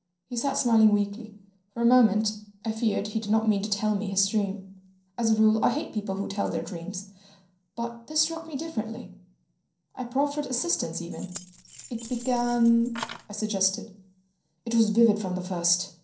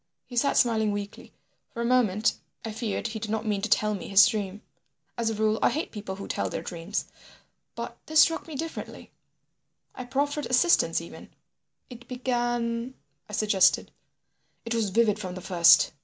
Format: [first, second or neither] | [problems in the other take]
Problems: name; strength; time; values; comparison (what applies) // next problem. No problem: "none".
second | noise reduction (neural separator model SepFormer DNS4)